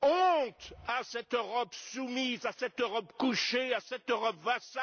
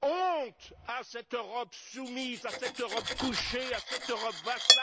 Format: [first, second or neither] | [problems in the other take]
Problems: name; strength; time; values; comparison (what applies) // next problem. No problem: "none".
first | background sound (Cutlery, silverware); 1 dB above the speech